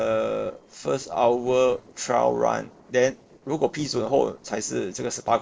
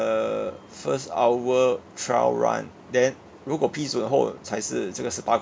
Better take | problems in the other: second | noise reduction (neural separator model SepFormer DNS4)

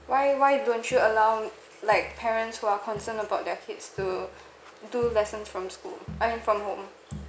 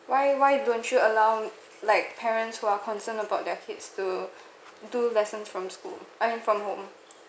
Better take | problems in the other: second | background sound (Crowd); 20 dB below the speech

